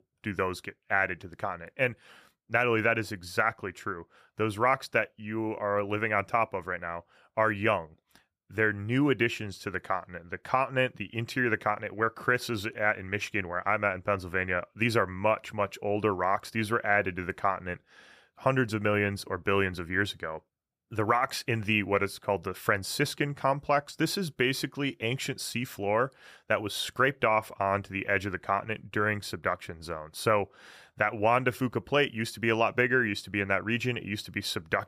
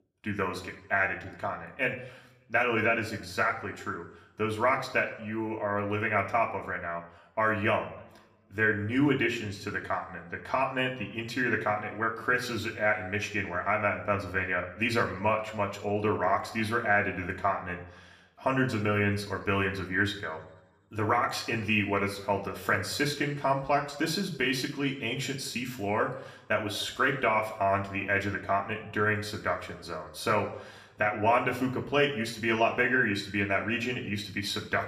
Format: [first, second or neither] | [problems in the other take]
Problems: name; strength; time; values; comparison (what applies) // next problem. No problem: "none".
first | room echo; slight; dies away in 0.6 s // off-mic speech; somewhat distant